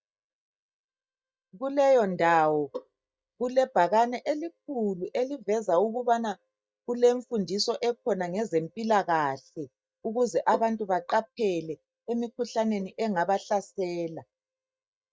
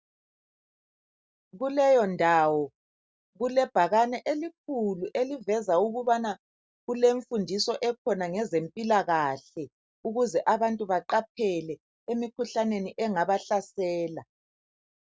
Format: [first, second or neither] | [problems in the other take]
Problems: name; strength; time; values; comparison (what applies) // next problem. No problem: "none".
second | noise reduction (neural mask model DeepFilterNet 3)